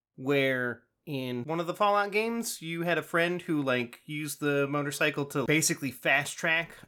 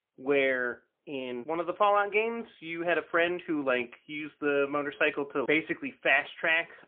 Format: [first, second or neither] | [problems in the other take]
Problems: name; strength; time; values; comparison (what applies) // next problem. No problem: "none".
first | phone-call audio; poor line